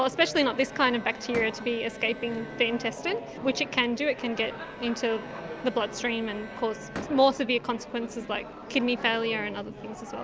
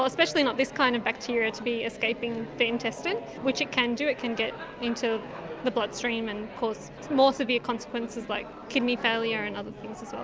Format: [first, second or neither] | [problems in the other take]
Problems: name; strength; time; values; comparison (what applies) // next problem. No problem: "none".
second | background sound (Slam + Bowed string instrument); 17 dB below the speech